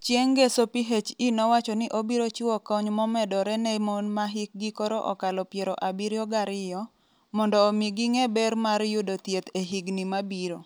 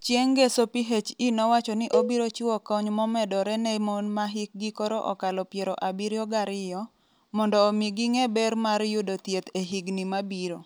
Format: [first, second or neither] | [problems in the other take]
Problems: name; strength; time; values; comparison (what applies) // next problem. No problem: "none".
first | background sound (Cowbell); 6 dB below the speech